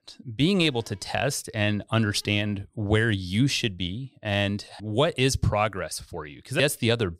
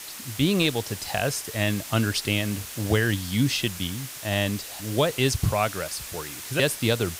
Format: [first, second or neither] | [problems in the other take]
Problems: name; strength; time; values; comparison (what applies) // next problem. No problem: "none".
first | hiss; loud; throughout; 10 dB below the speech